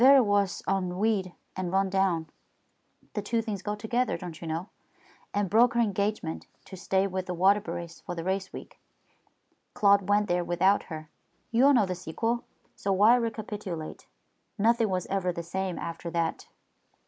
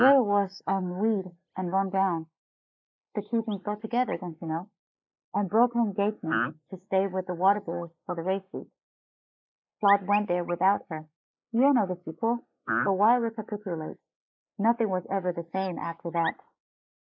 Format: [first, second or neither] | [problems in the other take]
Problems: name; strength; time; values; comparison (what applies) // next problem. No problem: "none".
first | noise reduction (neural mask model Resemble Enhance denoiser)